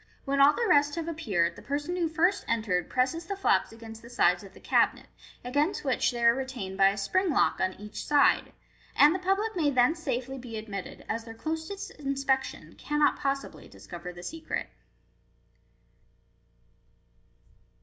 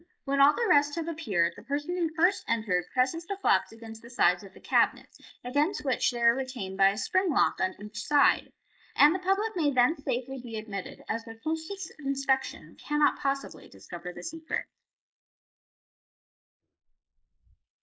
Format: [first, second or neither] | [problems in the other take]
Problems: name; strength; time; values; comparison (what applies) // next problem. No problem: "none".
first | noise reduction (neural mask model Resemble Enhance denoiser)